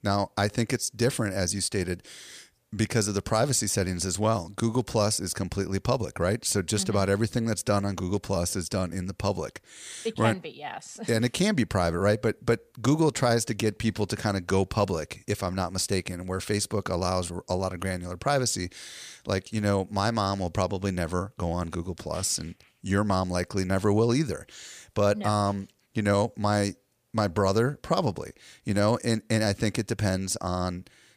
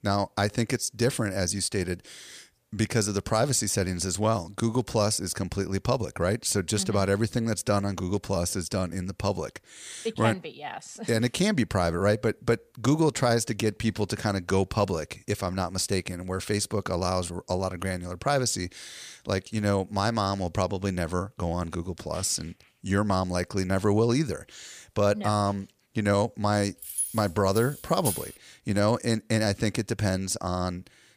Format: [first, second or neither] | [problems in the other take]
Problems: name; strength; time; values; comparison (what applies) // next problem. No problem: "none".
first | jangling keys; noticeable; from 27 to 28 s; peak 2 dB below the speech